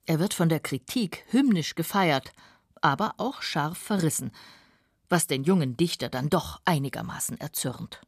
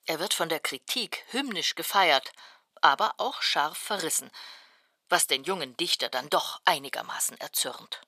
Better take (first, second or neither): first